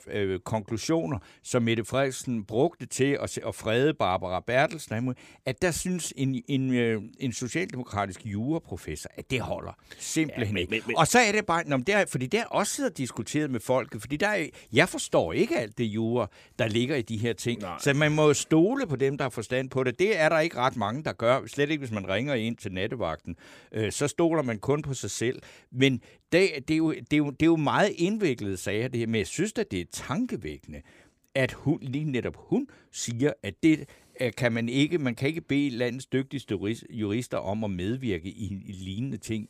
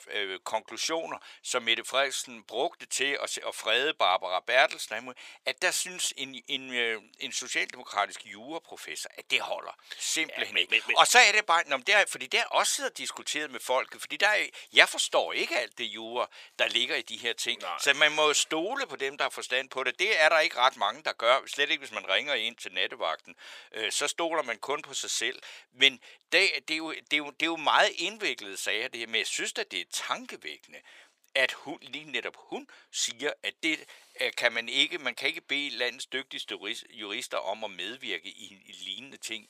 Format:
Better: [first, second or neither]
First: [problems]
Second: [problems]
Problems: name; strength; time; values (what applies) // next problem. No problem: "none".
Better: first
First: none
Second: thin; very; fading below 800 Hz